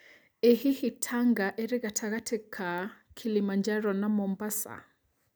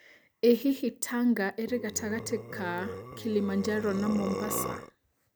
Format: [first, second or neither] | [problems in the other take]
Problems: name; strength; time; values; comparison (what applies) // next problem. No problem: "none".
first | background sound (Burping, eructation); 8 dB below the speech